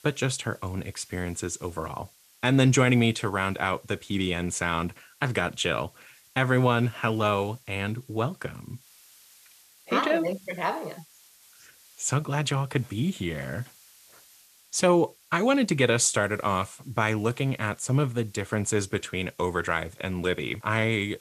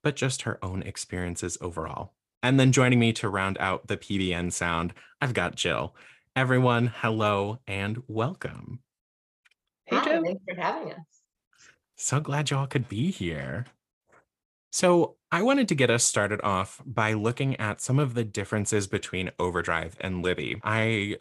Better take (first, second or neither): second